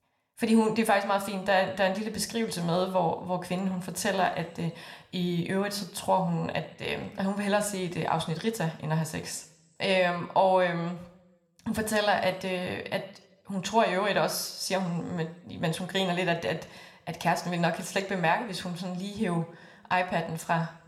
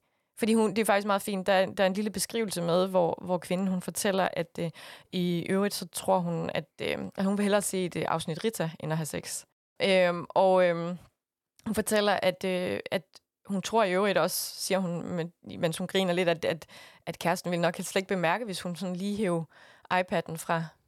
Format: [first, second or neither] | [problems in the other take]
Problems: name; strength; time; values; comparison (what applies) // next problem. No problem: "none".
second | room echo; very slight; dies away in 0.6 s